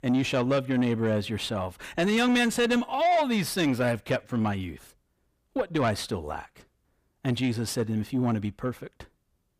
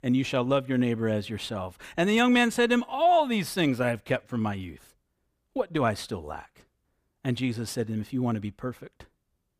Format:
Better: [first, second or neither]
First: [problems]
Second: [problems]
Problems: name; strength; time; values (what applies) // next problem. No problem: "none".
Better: second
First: distortion; slight; 10 dB below the speech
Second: none